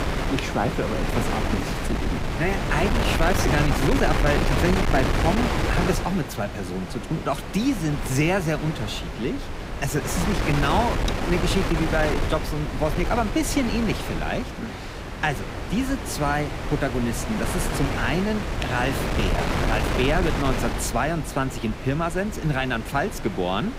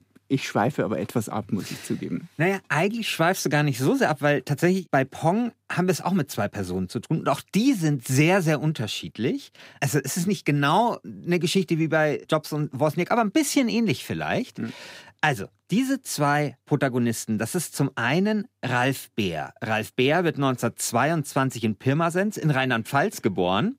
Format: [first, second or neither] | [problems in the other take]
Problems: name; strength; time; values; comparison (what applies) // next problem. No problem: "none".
second | wind noise on the microphone; heavy; 2 dB below the speech